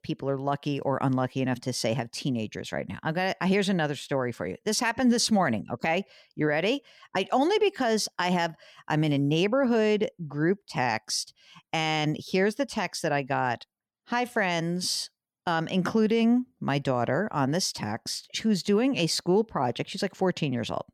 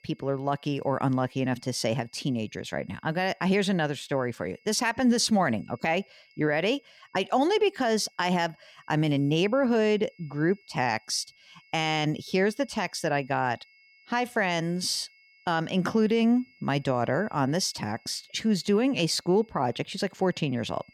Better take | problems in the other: first | high-pitched whine; faint; throughout; 2 kHz, 30 dB below the speech

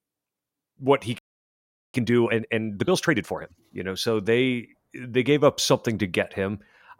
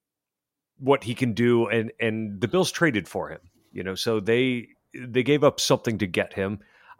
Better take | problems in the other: second | audio freezing; at 1 s for 1 s

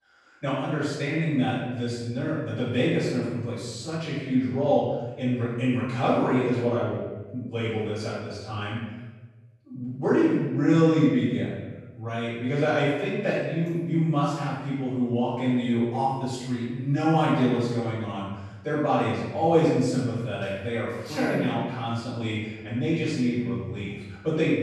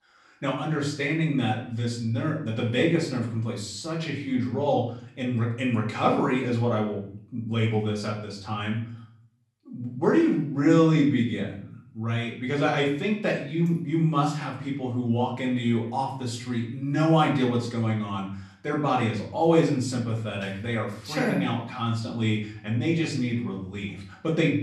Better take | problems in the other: second | room echo; strong; dies away in 1.1 s; slight in the second // off-mic speech; far; far in the second

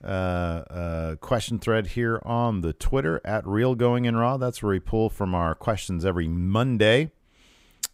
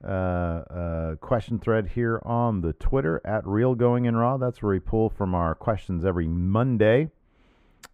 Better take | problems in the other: first | muffled; very; fading above 3 kHz

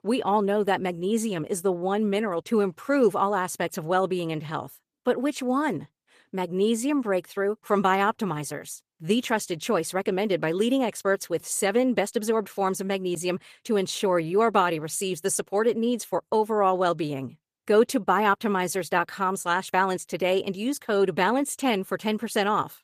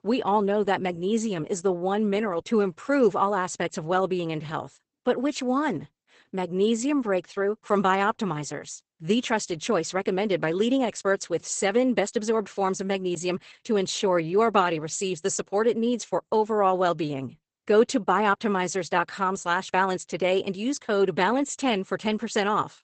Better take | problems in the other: first | garbled, watery; badly; nothing above 8 kHz; slightly in the first

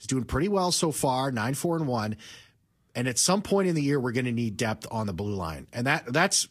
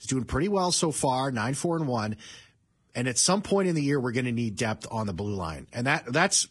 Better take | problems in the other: first | garbled, watery; badly; nothing above 10 kHz; slightly in the first

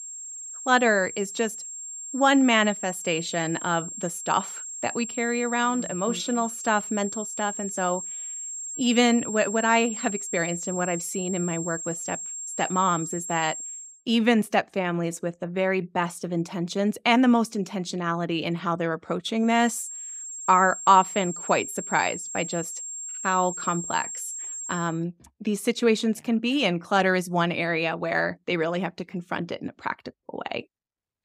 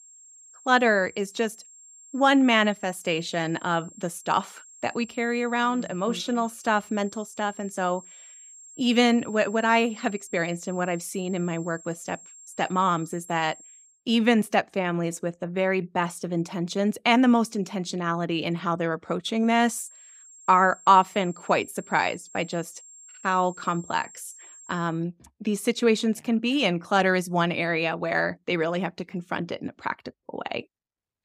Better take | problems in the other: second | high-pitched whine; loud; until 14 s and from 20 to 25 s; 7.5 kHz, 8 dB below the speech; faint in the second

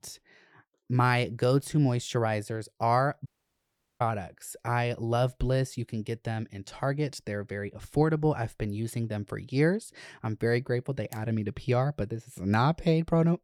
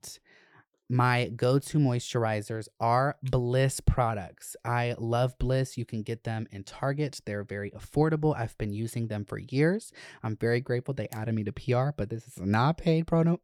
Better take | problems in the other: second | audio cutting out; at 3.5 s for 0.5 s

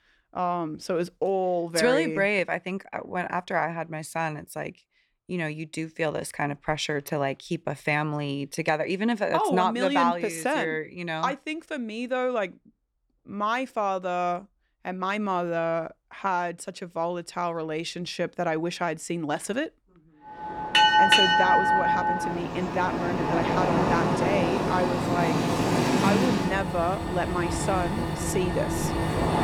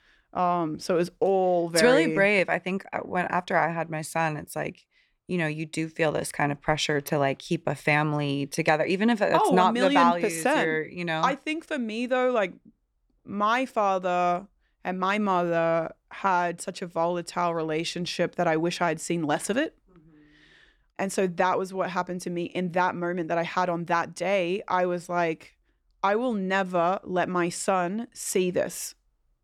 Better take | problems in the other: second | train or aircraft noise; very loud; from 20 s on; 4 dB above the speech

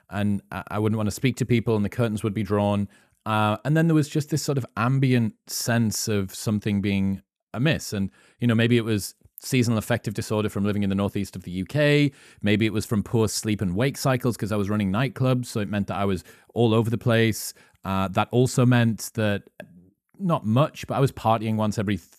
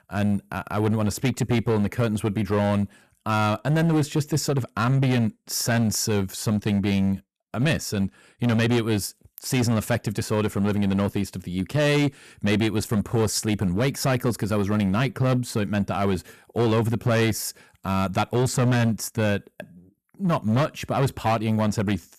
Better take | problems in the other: first | distortion; slight; 12% of the sound clipped

